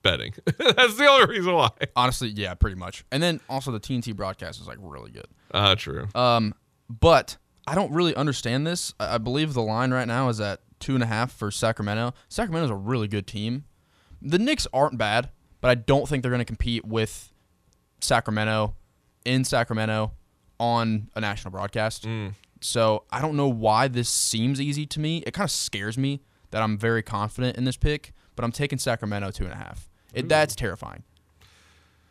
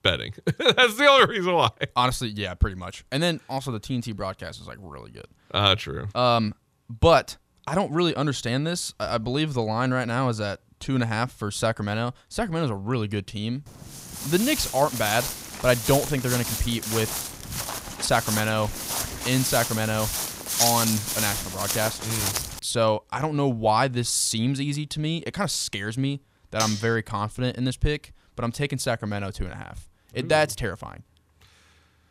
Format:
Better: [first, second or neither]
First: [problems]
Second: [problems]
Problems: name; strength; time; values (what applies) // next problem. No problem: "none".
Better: first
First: none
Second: footsteps; loud; from 14 to 23 s; peak 4 dB above the speech // clattering dishes; noticeable; at 27 s; peak 4 dB below the speech